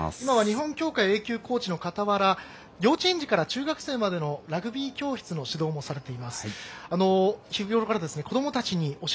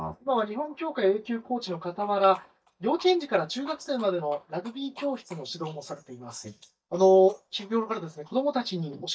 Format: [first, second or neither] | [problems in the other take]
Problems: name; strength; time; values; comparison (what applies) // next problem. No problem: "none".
first | noise reduction (neural mask model DeepFilterNet 3)